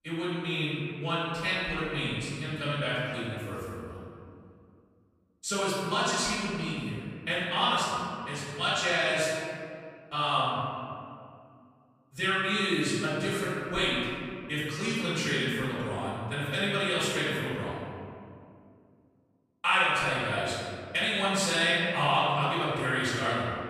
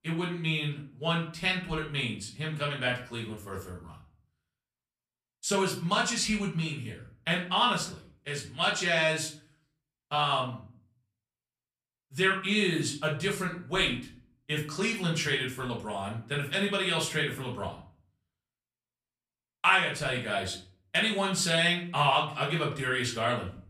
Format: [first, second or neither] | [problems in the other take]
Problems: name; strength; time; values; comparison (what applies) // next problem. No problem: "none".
second | room echo; strong; dies away in 2.2 s; slight in the second // off-mic speech; far; far in the second